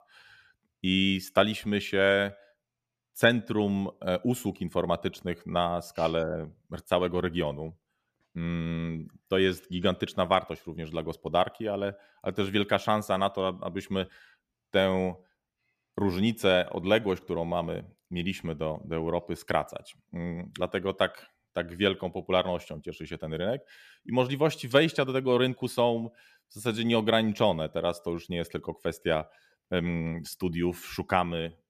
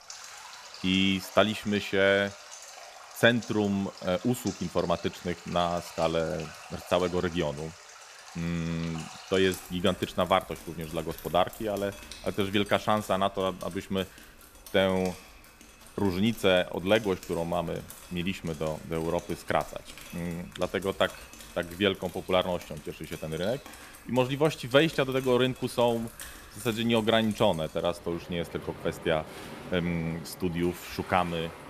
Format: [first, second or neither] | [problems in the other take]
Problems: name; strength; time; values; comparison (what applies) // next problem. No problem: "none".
first | rain or running water; noticeable; throughout; 15 dB below the speech